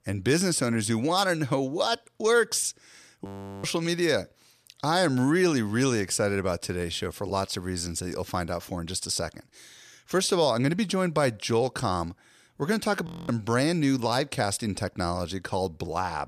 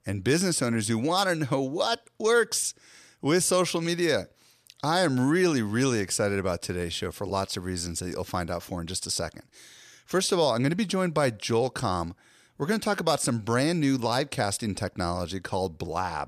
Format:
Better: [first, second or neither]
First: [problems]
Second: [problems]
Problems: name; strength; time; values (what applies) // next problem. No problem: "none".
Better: second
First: audio freezing; at 3.5 s and at 13 s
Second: none